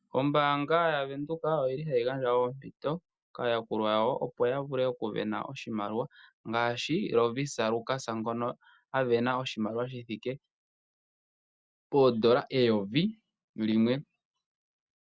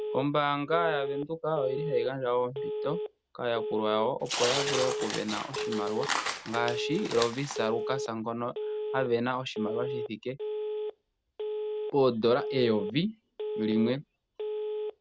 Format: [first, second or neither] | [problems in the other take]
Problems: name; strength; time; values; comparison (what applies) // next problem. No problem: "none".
first | background sound (Telephone + Tearing); 4 dB below the speech